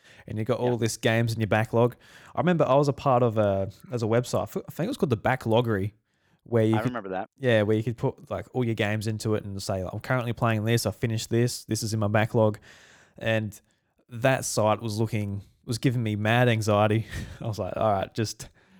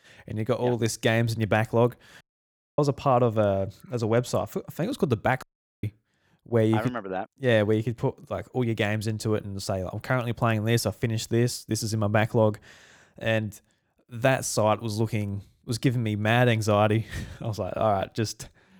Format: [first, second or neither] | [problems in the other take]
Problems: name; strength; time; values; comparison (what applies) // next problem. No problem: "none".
first | audio cutting out; at 2 s for 0.5 s and at 5.5 s